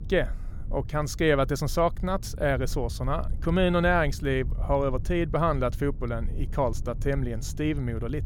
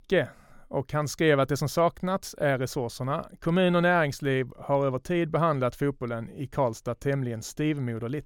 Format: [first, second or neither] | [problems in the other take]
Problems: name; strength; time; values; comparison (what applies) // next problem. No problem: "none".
second | low rumble; faint; throughout; 25 dB below the speech